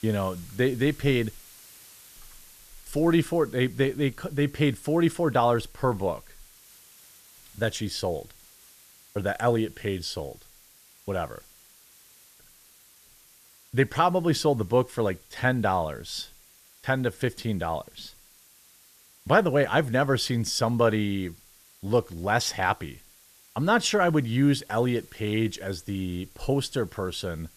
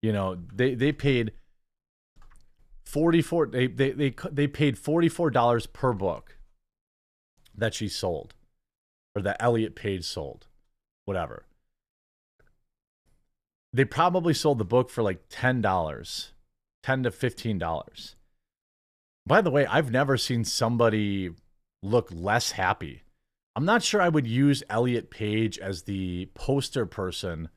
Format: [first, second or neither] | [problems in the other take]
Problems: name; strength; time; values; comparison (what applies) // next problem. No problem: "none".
second | hiss; faint; throughout; 25 dB below the speech